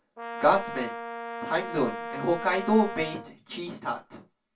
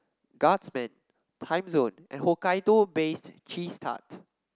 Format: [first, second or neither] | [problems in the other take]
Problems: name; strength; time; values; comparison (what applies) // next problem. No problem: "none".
second | background sound (Brass instrument); 8 dB below the speech // room echo; dies away in 0.2 s